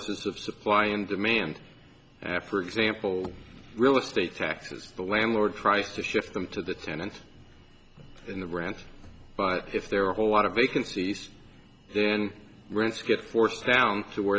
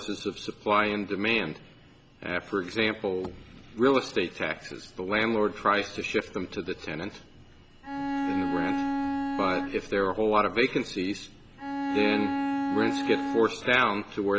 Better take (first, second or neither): first